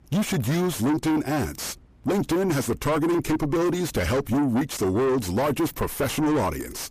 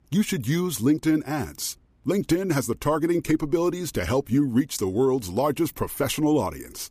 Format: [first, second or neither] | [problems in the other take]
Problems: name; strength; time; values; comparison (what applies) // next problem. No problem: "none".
second | distortion; heavy; 7 dB below the speech